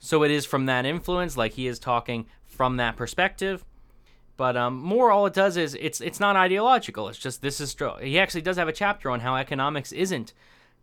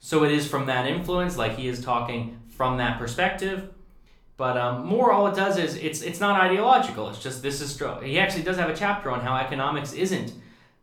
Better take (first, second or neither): first